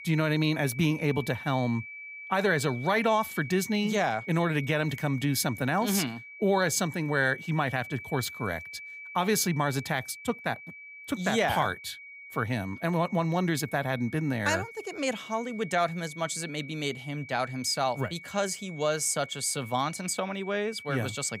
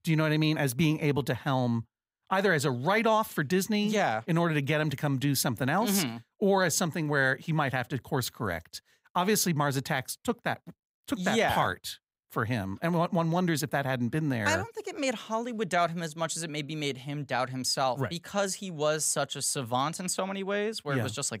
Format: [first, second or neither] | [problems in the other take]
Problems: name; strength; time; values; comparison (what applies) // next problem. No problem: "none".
second | high-pitched whine; noticeable; throughout; 2.5 kHz, 15 dB below the speech